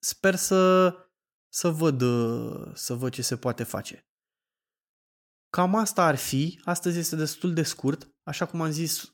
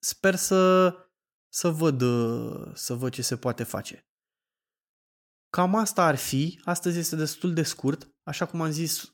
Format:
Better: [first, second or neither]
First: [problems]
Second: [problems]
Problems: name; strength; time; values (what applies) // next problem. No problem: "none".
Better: neither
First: none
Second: none